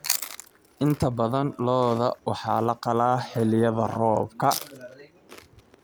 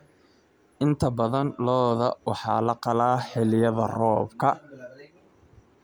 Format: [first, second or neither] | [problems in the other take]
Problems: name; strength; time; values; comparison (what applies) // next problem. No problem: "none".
second | background sound (Chewing, mastication); 14 dB below the speech